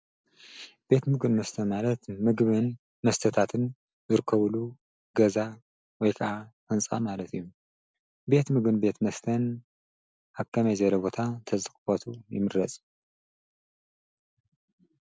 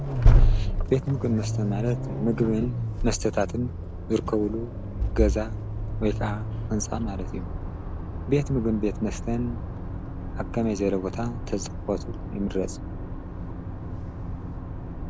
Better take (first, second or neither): first